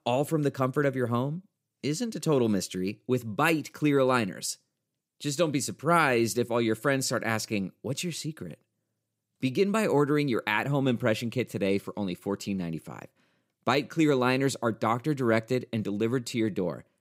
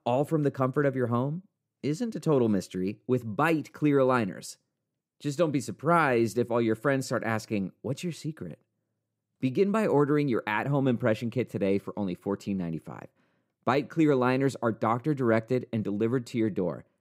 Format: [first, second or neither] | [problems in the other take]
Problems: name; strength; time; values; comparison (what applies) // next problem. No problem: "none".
first | muffled; slightly; fading above 2 kHz